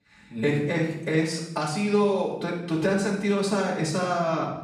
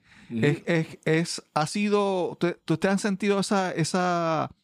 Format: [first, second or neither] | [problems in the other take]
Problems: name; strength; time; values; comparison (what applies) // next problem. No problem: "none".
second | off-mic speech; far // room echo; noticeable; dies away in 0.7 s